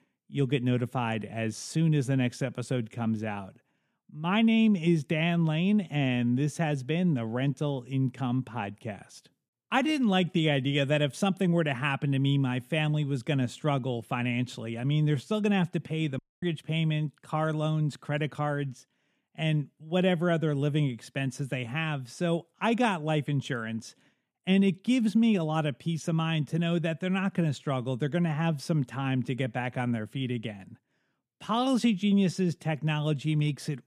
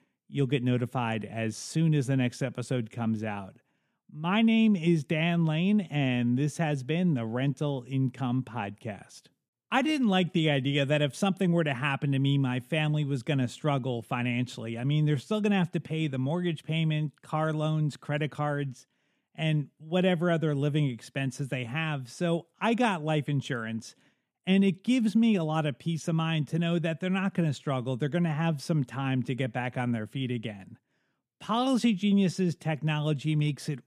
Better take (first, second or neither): second